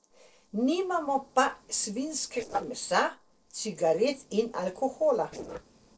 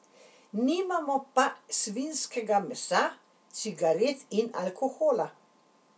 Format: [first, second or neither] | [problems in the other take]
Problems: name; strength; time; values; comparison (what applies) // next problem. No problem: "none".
second | noise reduction (neural separator model SepFormer DNS4)